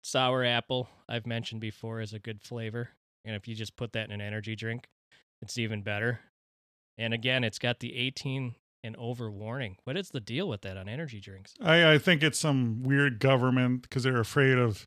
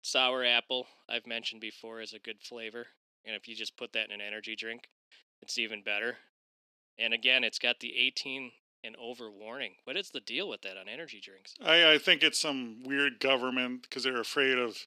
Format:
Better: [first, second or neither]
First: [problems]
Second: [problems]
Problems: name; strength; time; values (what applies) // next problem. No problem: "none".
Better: first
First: none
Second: thin; somewhat; fading below 250 Hz